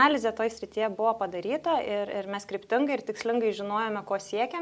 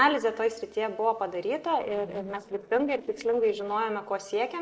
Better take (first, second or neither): first